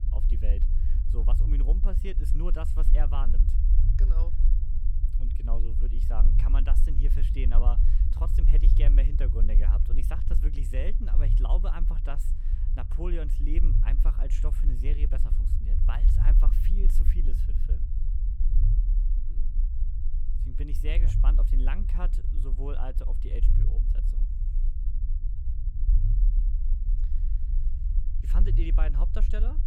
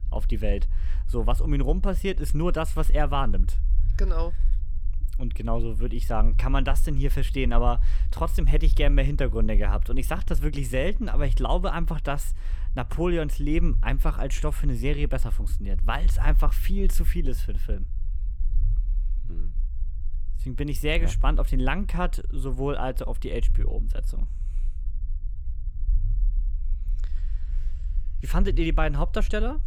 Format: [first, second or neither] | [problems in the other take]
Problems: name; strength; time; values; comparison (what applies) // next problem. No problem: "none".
second | low rumble; loud; throughout; 6 dB below the speech; faint in the second